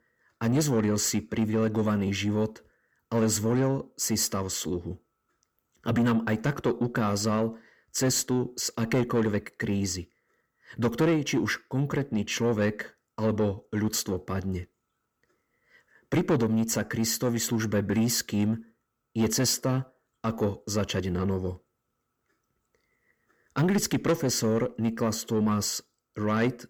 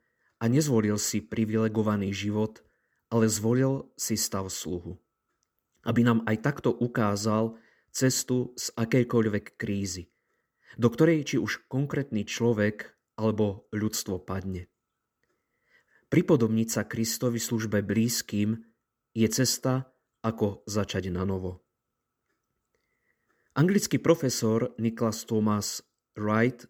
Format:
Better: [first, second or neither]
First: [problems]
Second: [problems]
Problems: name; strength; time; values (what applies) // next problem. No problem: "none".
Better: second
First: distortion; slight; 10 dB below the speech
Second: none